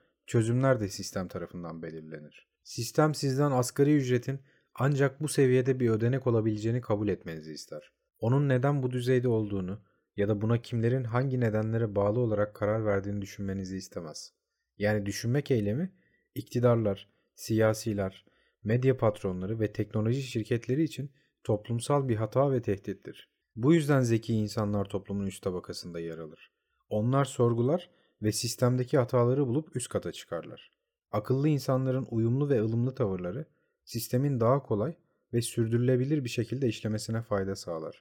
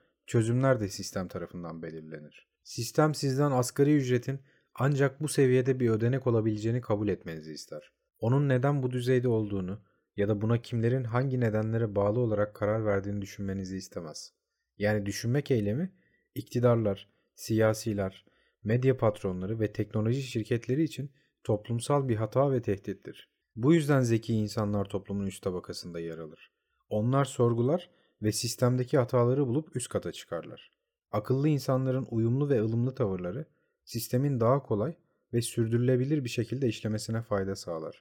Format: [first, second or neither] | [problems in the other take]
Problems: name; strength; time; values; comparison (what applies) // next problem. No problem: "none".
neither | none